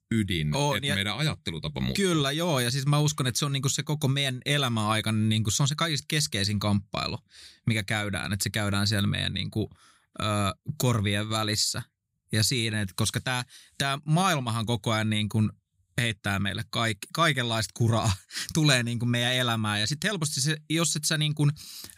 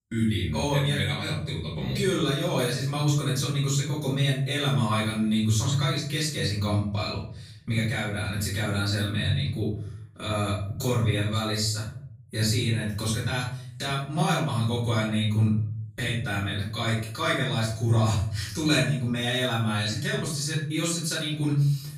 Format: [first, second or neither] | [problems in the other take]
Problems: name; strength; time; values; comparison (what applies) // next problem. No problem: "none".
first | off-mic speech; far // room echo; noticeable; dies away in 0.7 s